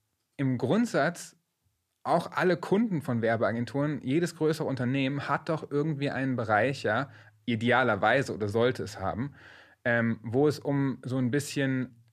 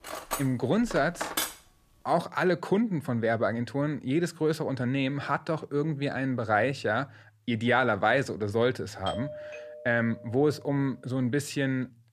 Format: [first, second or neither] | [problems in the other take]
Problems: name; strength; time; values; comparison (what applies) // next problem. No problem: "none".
first | clattering dishes; noticeable; until 1.5 s; peak 2 dB below the speech // doorbell; noticeable; from 9 to 11 s; peak 9 dB below the speech